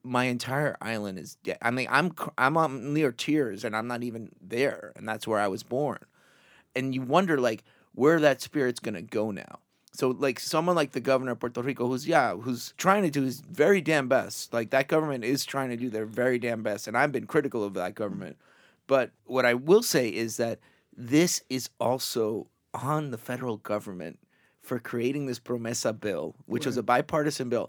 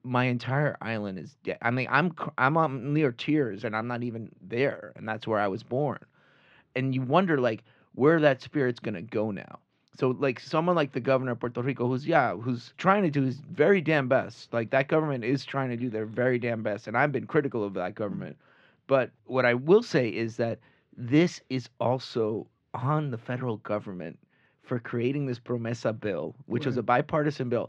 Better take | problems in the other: first | muffled; slightly; fading above 3.5 kHz

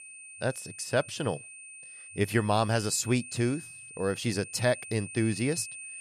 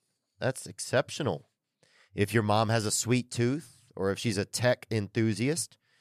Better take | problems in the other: second | high-pitched whine; noticeable; throughout; 2.5 kHz, 15 dB below the speech

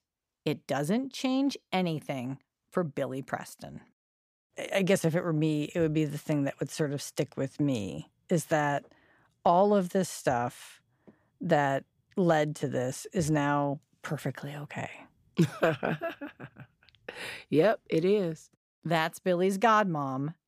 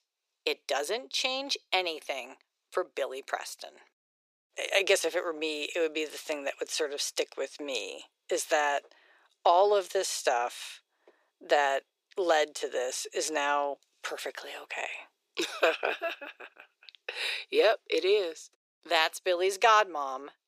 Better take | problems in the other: first | thin; very; fading below 400 Hz

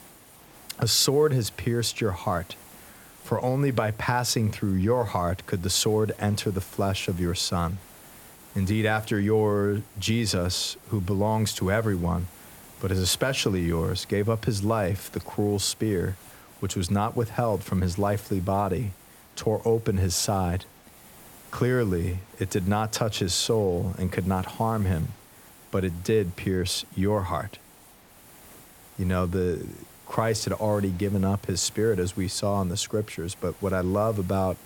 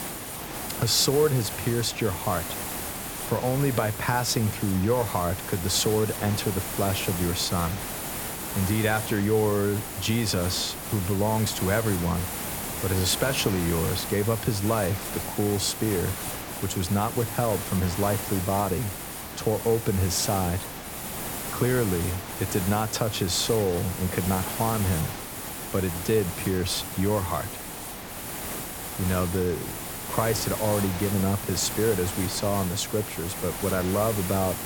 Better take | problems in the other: first | hiss; loud; throughout; 6 dB below the speech; faint in the first

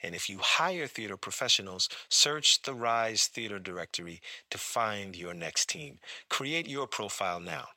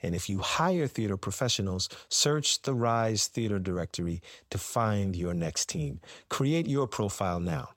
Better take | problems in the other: second | thin; somewhat; fading below 750 Hz

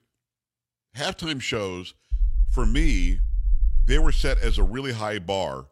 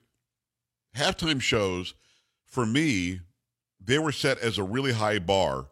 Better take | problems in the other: second | low rumble; faint; from 2 to 4.5 s; 25 dB below the speech

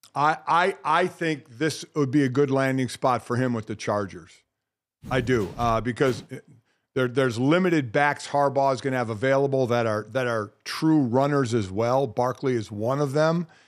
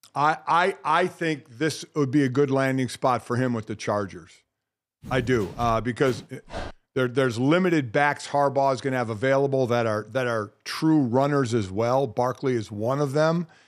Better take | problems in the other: first | dog barking; faint; at 6.5 s; peak 15 dB below the speech

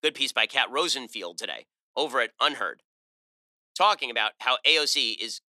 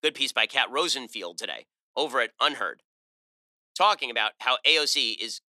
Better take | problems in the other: neither | thin; very; fading below 350 Hz; the same in both

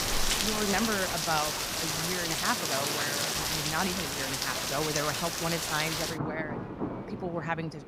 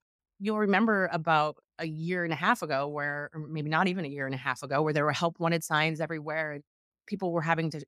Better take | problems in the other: second | rain or running water; very loud; throughout; 4 dB above the speech

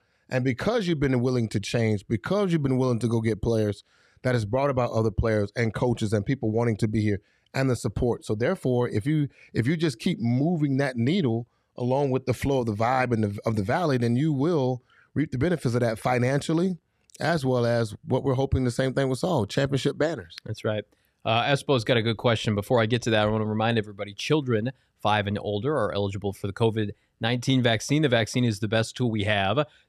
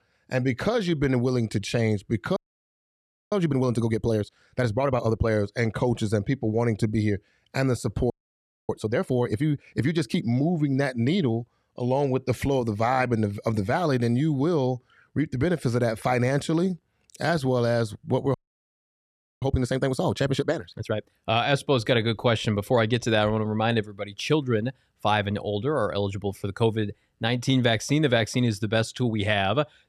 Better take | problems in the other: first | audio freezing; at 2.5 s for 1 s, at 8 s for 0.5 s and at 18 s for 1 s

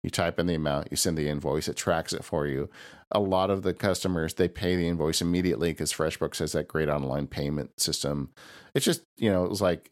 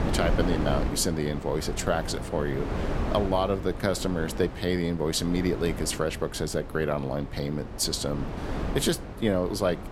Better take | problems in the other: first | wind noise on the microphone; heavy; 9 dB below the speech

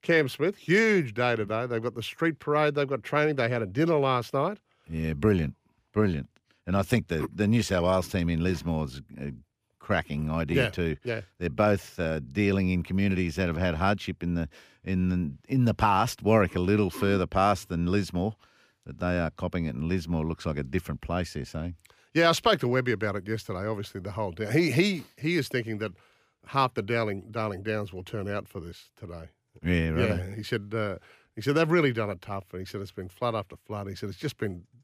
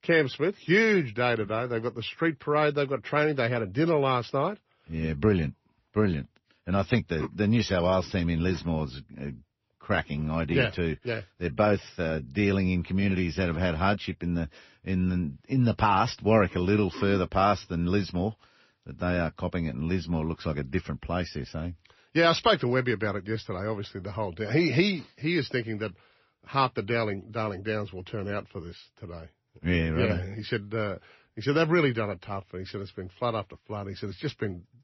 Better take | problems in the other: first | garbled, watery; slightly; nothing above 6 kHz

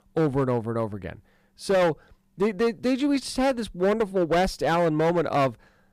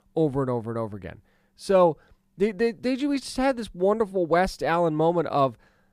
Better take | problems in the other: second | distortion; slight; 10% of the sound clipped

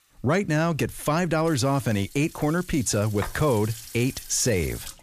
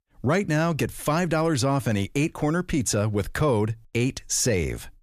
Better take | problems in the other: second | household noises; noticeable; throughout; 15 dB below the speech

